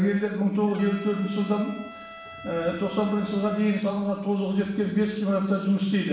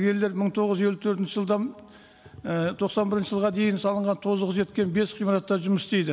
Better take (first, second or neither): second